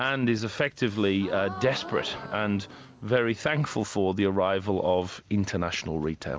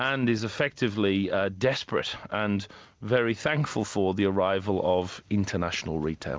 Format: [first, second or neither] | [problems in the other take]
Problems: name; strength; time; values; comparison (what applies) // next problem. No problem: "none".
second | background sound (Gasp); 16 dB below the speech